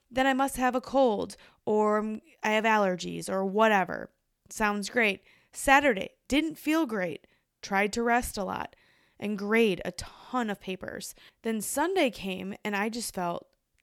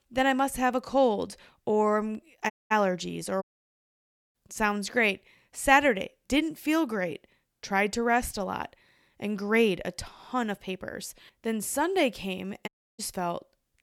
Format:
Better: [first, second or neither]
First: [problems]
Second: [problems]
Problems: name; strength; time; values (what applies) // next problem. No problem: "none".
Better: first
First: none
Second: audio cutting out; at 2.5 s, at 3.5 s for 1 s and at 13 s